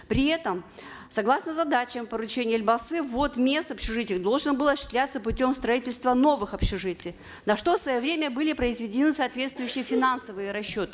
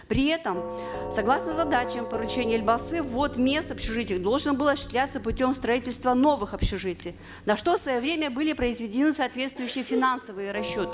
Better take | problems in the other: first | background sound (Doorbell); 12 dB below the speech

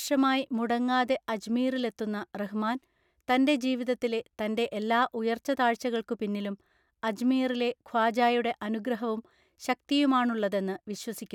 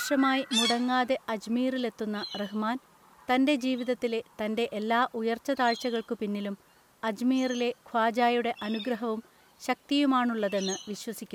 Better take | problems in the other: first | background sound (Chirp, tweet); 13 dB below the speech

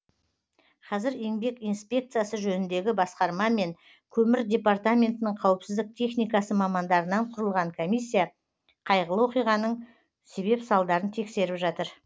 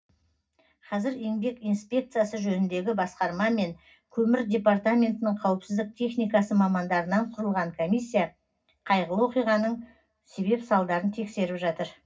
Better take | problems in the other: first | room echo; dies away in 0.4 s

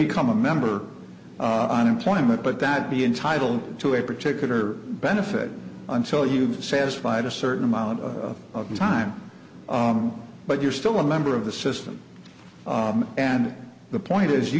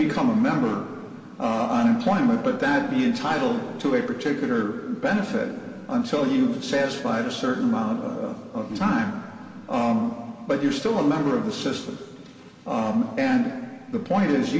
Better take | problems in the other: first | room echo; dies away in 2 s

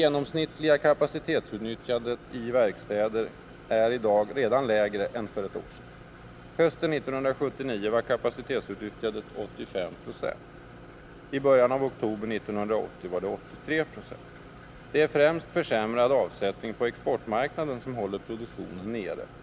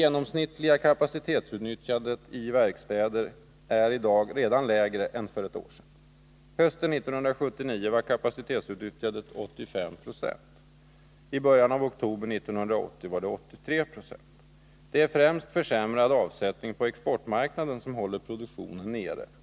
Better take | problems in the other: second | background sound (Idling); 19 dB below the speech

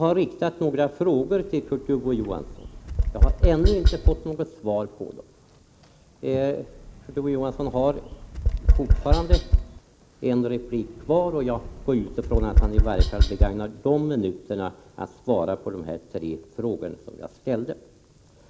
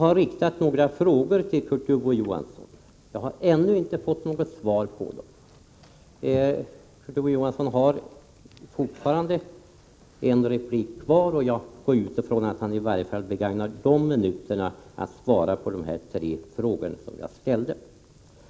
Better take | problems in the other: second | background sound (Tap); 4 dB above the speech

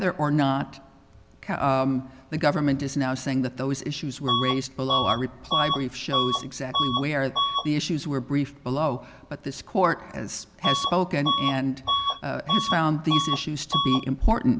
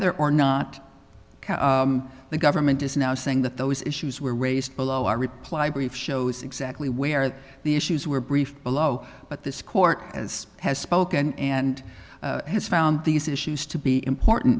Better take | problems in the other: second | background sound (Bus / Alarm); 2 dB below the speech

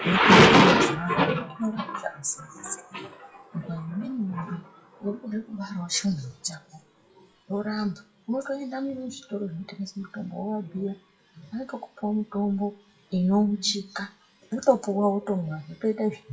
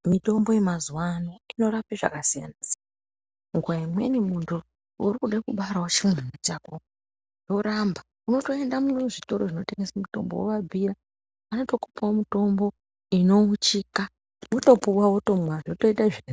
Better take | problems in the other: second | noise reduction (classical method WPE with log-MMSE)

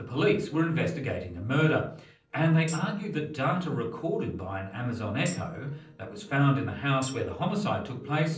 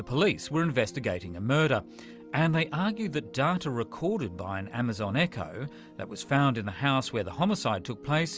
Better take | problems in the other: second | noise reduction (neural separator model SepFormer DNS4)

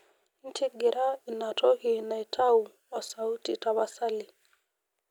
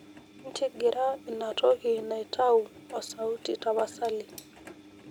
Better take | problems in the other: first | background sound (Engine); 20 dB below the speech

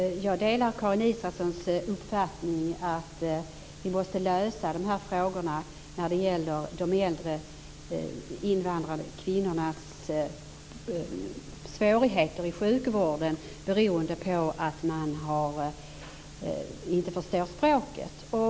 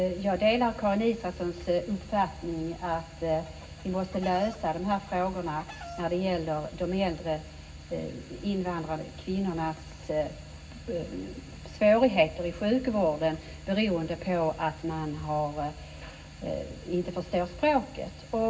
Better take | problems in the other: first | background sound (Chicken, rooster); 18 dB below the speech // room echo; dies away in 0.4 s

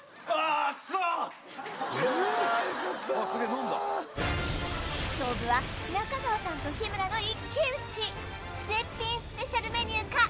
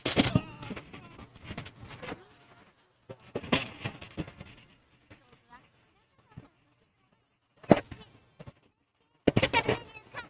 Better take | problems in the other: first | noise reduction (neural mask model RNNoise)

